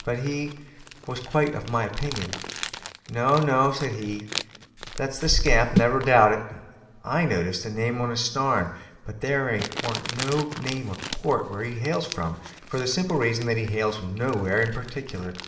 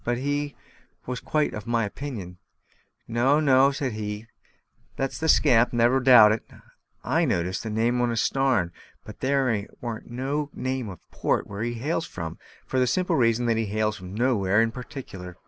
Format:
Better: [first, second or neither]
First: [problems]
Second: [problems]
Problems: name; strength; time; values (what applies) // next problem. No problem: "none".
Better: second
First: background sound (Crumpling, crinkling); 11 dB below the speech // room echo; dies away in 1.2 s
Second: none